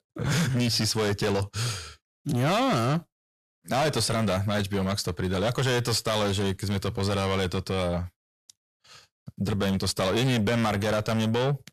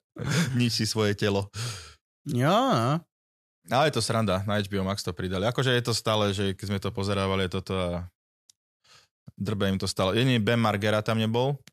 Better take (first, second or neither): second